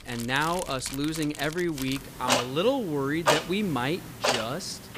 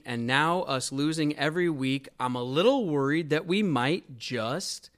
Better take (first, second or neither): second